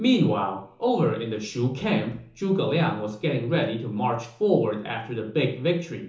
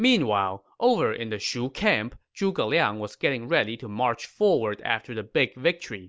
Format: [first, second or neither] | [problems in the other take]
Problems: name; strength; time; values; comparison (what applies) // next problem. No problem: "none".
second | room echo; dies away in 0.7 s